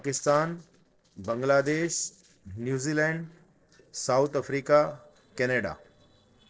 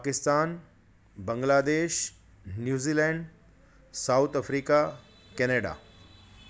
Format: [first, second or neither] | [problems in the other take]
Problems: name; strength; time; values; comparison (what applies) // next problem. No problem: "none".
second | noise reduction (neural separator model SepFormer DNS4)